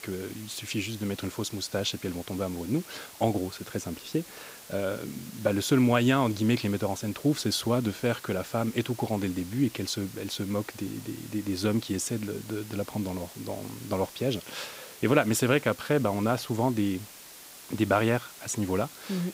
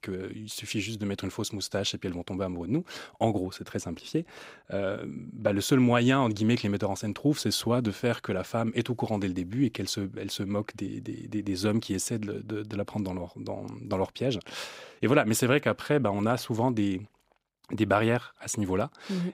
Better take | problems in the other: second | hiss; noticeable; throughout; 15 dB below the speech

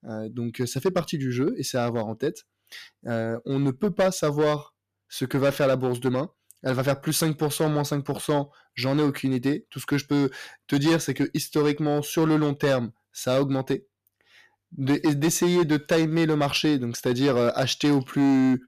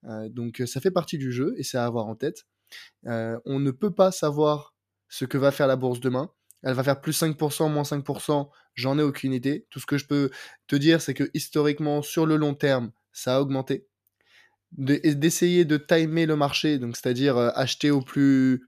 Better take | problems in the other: second | distortion; slight; 7% of the sound clipped

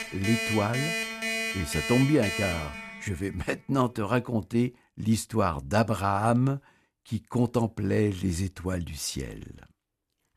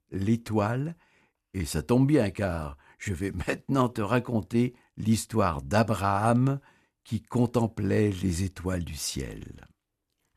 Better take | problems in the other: second | alarms or sirens; loud; until 3 s; 3 dB below the speech

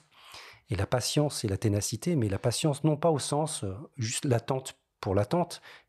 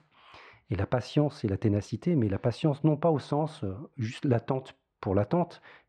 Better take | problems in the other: first | muffled; slightly; fading above 2.5 kHz

